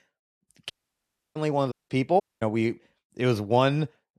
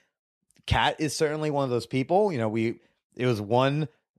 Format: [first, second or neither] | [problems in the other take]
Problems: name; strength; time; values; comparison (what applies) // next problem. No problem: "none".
second | audio cutting out; at 0.5 s for 0.5 s, at 1.5 s and at 2 s